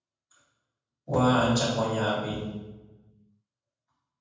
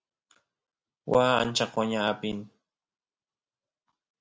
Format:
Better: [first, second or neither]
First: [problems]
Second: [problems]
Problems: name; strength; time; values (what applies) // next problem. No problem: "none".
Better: second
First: room echo; dies away in 1.2 s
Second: none